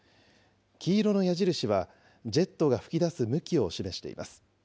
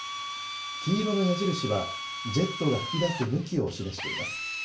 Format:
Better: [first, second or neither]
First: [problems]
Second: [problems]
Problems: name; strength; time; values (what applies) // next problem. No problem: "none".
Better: first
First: none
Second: background sound (Drill); 6 dB below the speech // room echo; dies away in 0.3 s